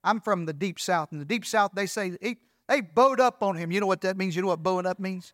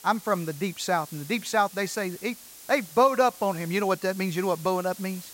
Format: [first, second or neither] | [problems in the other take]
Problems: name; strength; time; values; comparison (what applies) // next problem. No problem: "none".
first | hiss; noticeable; throughout; 15 dB below the speech